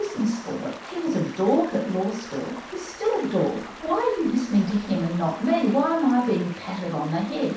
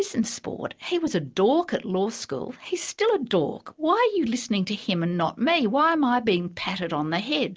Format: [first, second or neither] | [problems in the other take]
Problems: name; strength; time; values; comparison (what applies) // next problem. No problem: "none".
second | background sound (Stream); 16 dB below the speech // room echo; dies away in 0.7 s